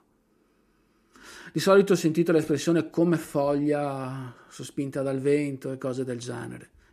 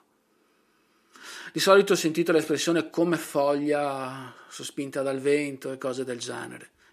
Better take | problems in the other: first | thin; very slightly; fading below 1 kHz

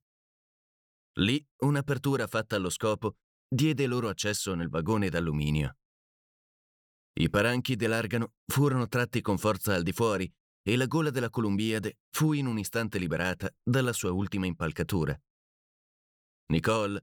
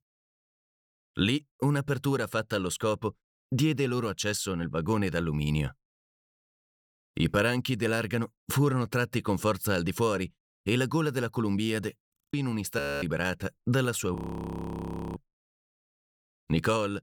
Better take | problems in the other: first | audio freezing; at 12 s, at 13 s and at 14 s for 1 s

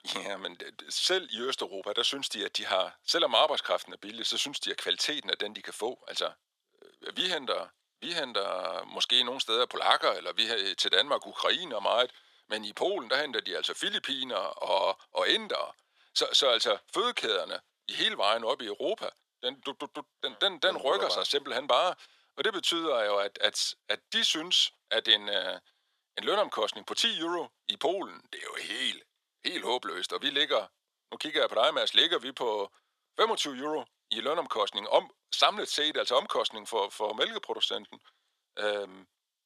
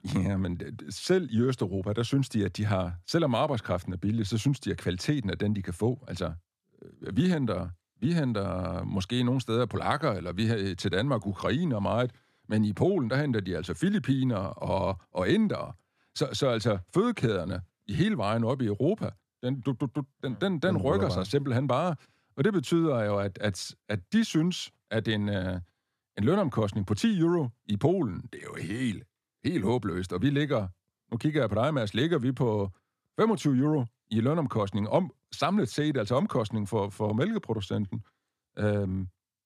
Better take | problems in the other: second | thin; very; fading below 550 Hz

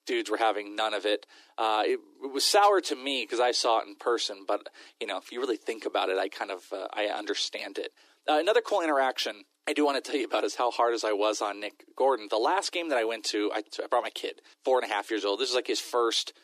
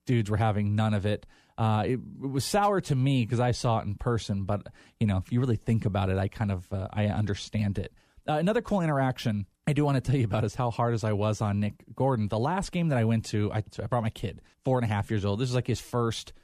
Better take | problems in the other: second | thin; very; fading below 300 Hz

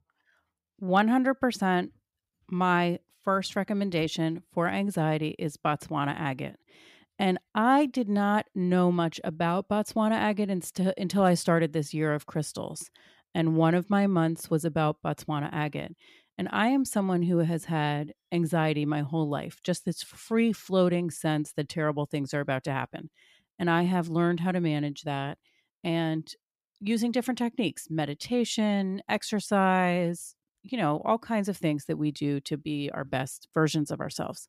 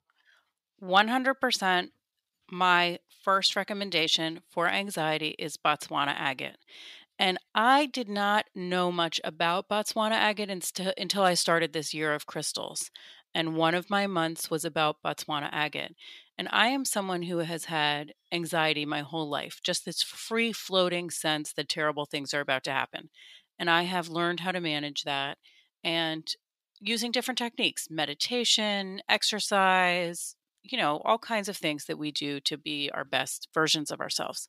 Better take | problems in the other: first | thin; somewhat; fading below 900 Hz

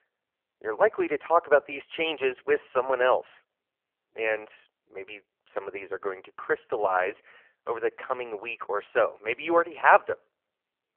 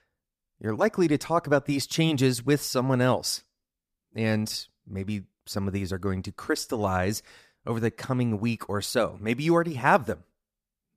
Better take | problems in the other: second | phone-call audio; poor line; nothing above 3 kHz

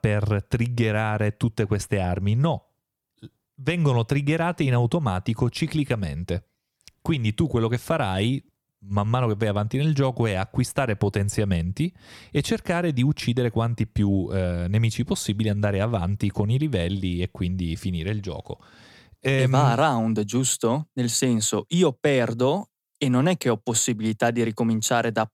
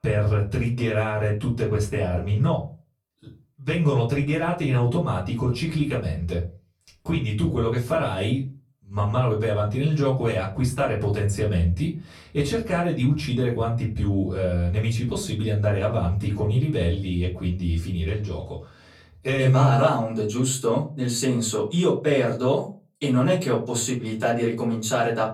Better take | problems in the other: first | off-mic speech; far // room echo; very slight; dies away in 0.3 s

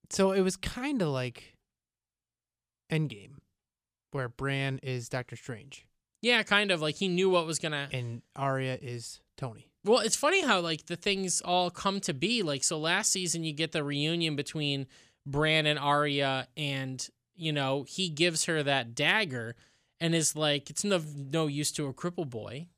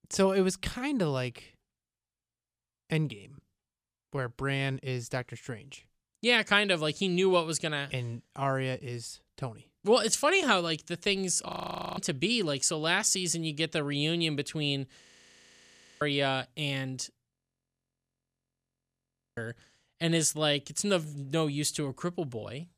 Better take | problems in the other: first | audio freezing; at 11 s, at 15 s for 1 s and at 17 s for 2 s

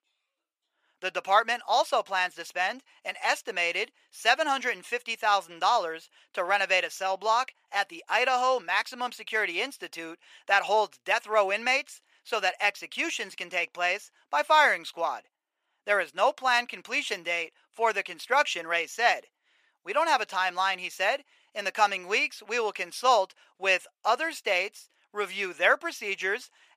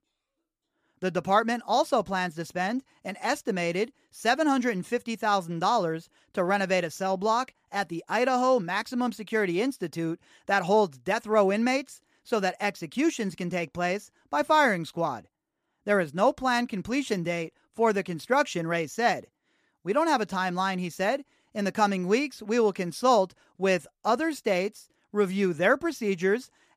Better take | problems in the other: second | thin; very; fading below 700 Hz

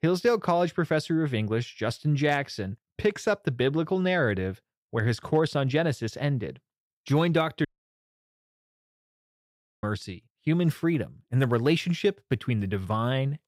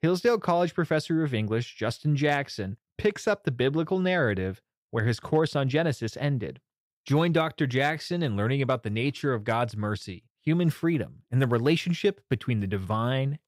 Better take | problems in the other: second | audio cutting out; at 7.5 s for 2 s

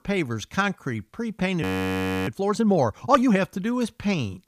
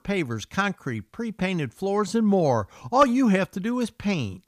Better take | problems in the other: second | audio freezing; at 1.5 s for 0.5 s

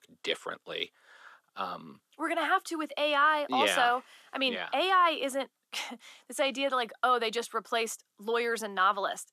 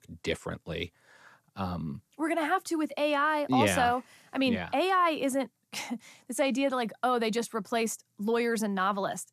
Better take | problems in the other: second | thin; somewhat; fading below 400 Hz

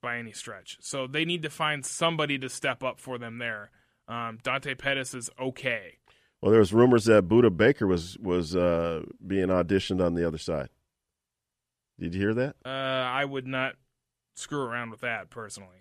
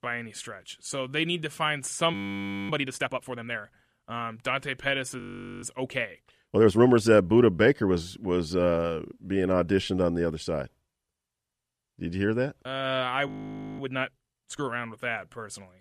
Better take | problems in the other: first | audio freezing; at 2 s for 0.5 s, at 5 s and at 13 s for 0.5 s

